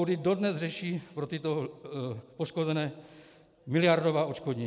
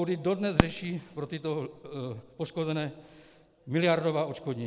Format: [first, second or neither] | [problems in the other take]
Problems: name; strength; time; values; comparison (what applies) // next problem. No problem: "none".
first | background sound (Fireworks); 6 dB below the speech